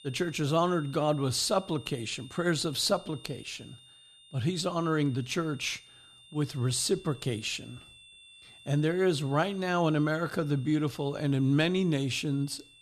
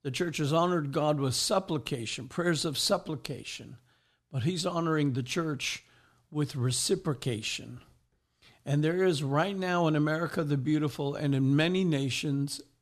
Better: second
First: high-pitched whine; faint; throughout; 3.5 kHz, 20 dB below the speech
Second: none

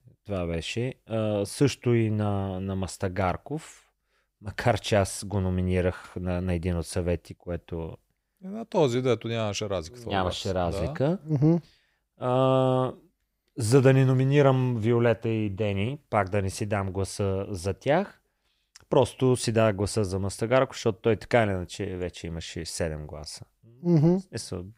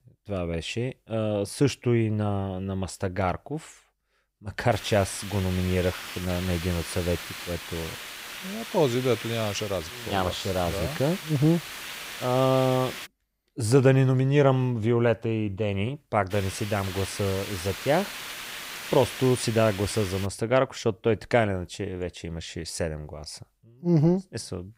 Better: first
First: none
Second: hiss; loud; from 4.5 to 13 s and from 16 to 20 s; 10 dB below the speech

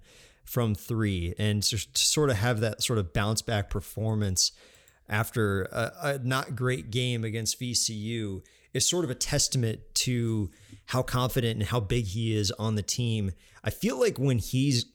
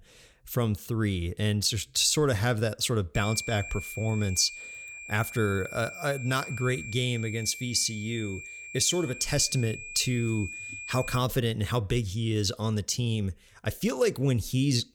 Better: first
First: none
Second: high-pitched whine; noticeable; from 3 to 11 s; 2.5 kHz, 10 dB below the speech

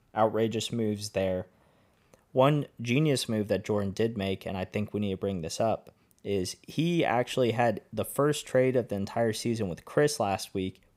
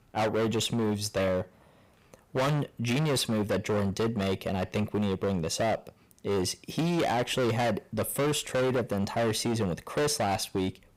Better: first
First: none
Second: distortion; heavy; 21% of the sound clipped

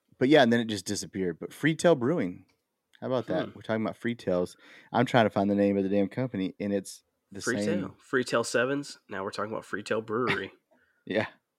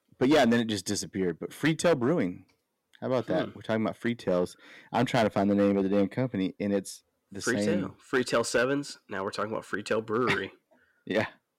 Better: first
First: none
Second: distortion; slight; 3% of the sound clipped

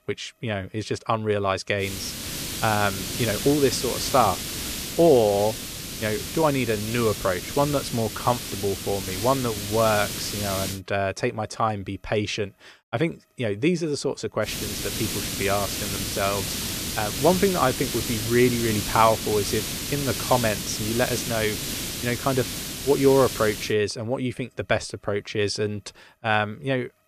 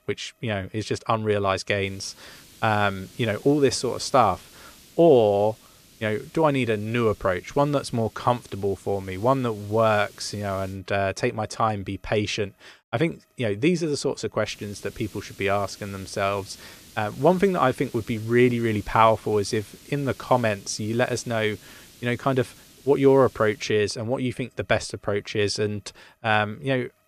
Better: second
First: hiss; loud; from 2 to 11 s and from 14 to 24 s; 4 dB below the speech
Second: hiss; faint; from 2 to 11 s and from 14 to 24 s; 25 dB below the speech

